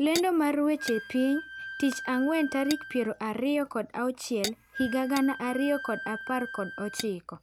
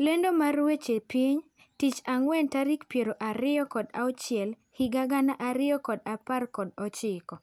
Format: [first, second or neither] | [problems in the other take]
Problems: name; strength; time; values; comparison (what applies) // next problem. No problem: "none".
second | background sound (Tap / Glass + Wind instrument, woodwind instrument); 11 dB below the speech